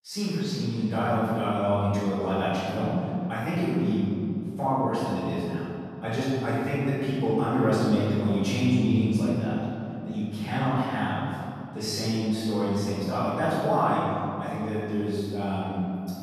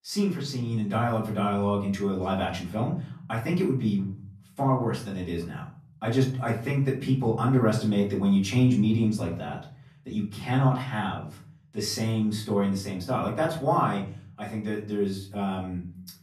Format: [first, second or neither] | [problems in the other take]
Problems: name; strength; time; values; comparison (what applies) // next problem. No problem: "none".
second | room echo; strong; dies away in 2.6 s; slight in the second // off-mic speech; far; far in the second